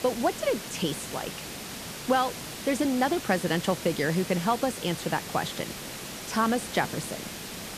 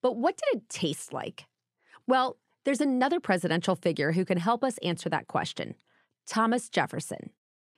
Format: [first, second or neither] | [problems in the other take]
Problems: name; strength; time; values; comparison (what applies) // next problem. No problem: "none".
second | hiss; loud; throughout; 8 dB below the speech